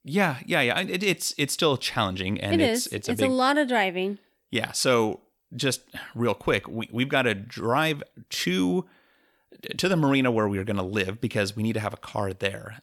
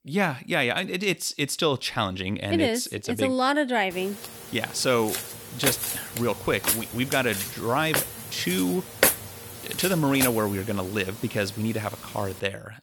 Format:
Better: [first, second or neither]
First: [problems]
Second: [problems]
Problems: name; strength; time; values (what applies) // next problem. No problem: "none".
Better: first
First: none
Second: footsteps; loud; from 5 to 10 s; peak 5 dB above the speech